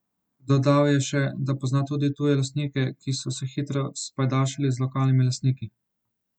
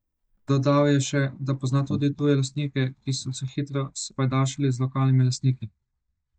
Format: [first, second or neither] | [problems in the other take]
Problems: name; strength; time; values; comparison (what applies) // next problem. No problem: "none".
first | noise reduction (neural mask model DeepFilterNet 3)